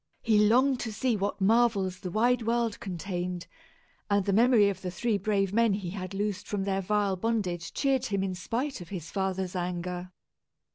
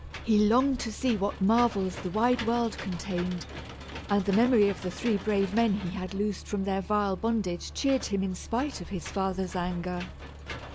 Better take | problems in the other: first | background sound (Engine / Mechanisms); 13 dB below the speech

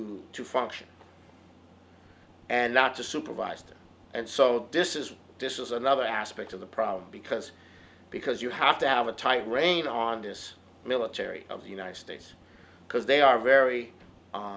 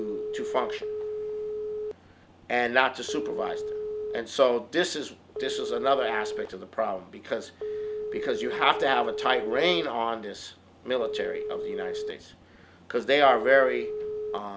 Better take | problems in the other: first | background sound (Telephone); 6 dB below the speech

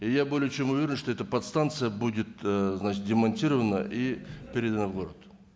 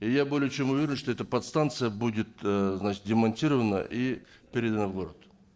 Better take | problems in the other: first | noise reduction (neural separator model SepFormer DNS4)

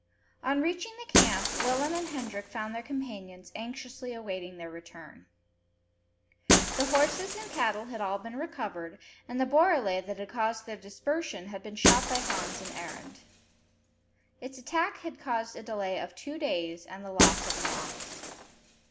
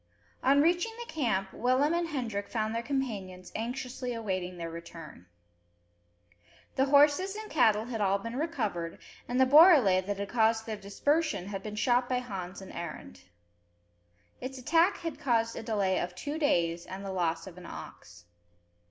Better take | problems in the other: second | background sound (Shatter); 1 dB below the speech

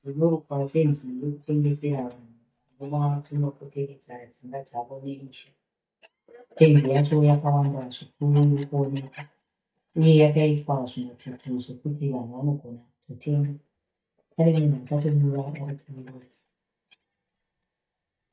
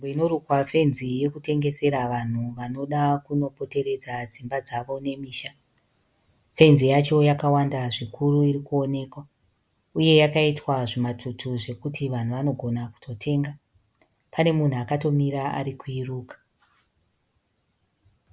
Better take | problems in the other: second | noise reduction (neural mask model DeepFilterNet 3)

